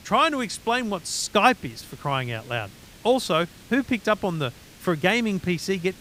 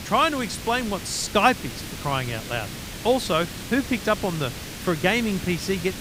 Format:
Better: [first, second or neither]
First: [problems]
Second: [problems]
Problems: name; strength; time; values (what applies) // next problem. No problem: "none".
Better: first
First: hiss; faint; throughout; 20 dB below the speech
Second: hiss; loud; throughout; 10 dB below the speech